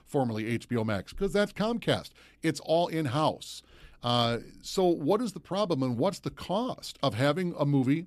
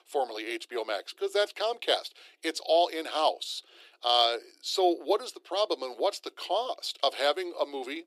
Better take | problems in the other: first | thin; very; fading below 350 Hz

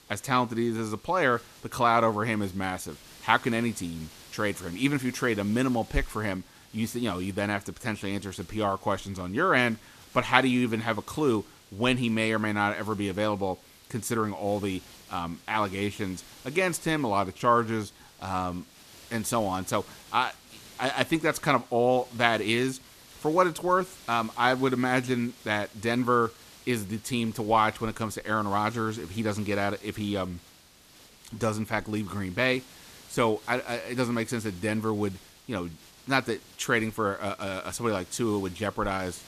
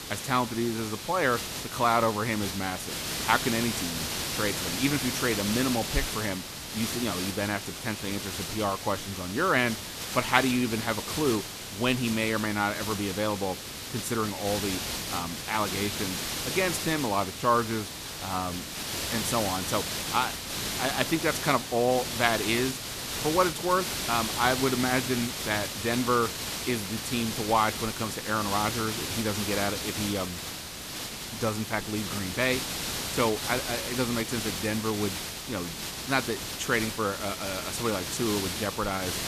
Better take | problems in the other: first | hiss; loud; throughout; 3 dB below the speech; faint in the first

